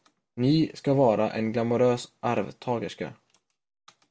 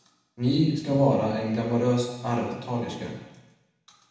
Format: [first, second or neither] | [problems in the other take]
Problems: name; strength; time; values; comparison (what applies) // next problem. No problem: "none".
first | room echo; dies away in 1 s